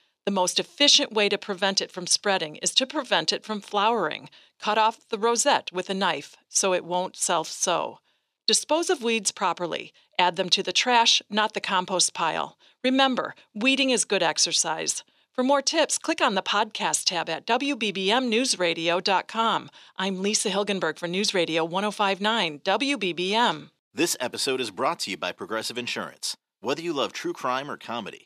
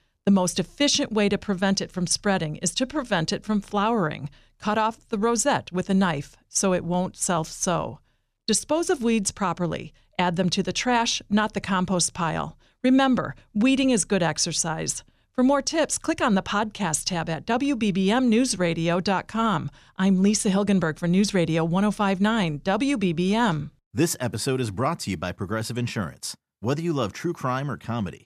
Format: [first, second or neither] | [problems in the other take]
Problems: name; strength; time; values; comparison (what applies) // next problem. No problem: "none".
second | thin; somewhat; fading below 400 Hz